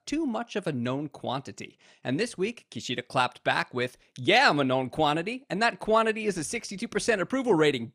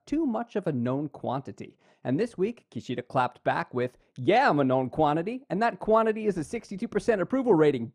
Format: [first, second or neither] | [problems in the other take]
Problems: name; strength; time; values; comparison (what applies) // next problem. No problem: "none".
first | muffled; slightly; fading above 1.5 kHz